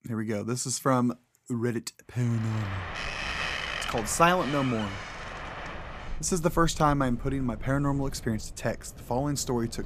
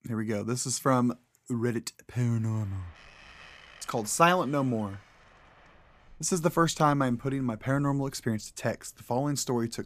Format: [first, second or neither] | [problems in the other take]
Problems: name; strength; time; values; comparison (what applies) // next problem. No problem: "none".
second | wind in the background; loud; from 2.5 s on; 8 dB below the speech; faint in the second